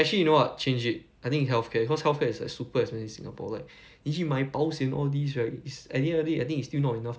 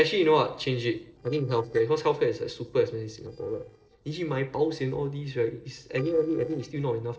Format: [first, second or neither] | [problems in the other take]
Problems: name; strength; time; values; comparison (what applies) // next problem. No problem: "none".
first | noise reduction (neural separator model SepFormer DNS4)